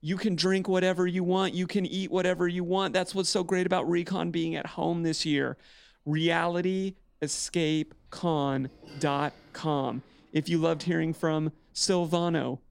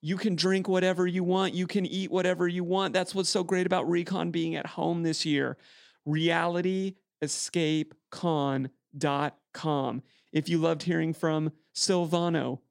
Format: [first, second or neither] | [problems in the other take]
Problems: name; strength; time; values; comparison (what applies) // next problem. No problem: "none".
second | household noises; faint; throughout; 30 dB below the speech